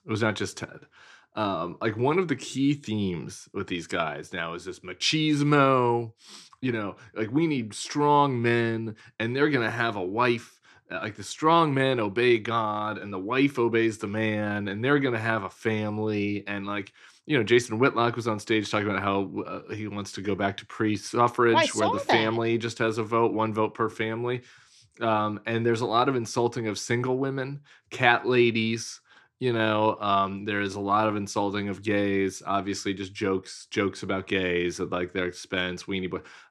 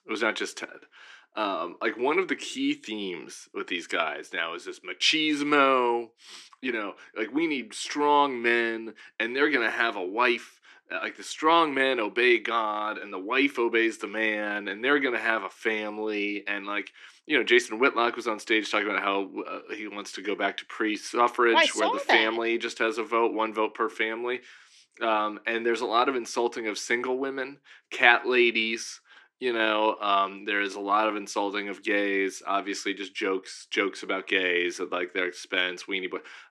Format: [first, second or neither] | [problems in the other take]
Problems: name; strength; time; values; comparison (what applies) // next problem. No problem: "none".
first | thin; very slightly; fading below 250 Hz